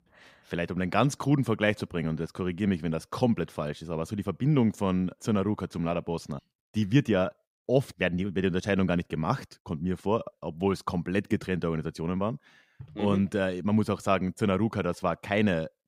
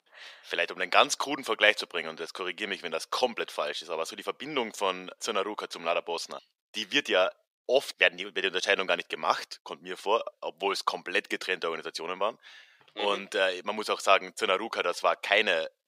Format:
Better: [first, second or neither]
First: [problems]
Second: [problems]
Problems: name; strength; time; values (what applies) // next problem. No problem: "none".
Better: first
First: none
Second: thin; very; fading below 500 Hz